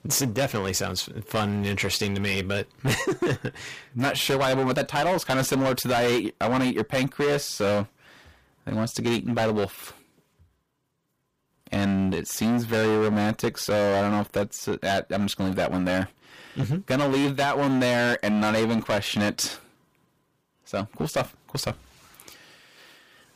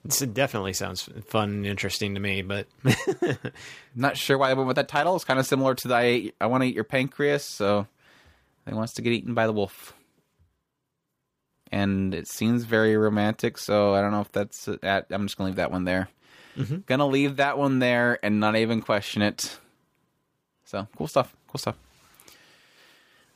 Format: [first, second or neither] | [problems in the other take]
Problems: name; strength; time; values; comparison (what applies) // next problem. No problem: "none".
second | distortion; heavy; 15% of the sound clipped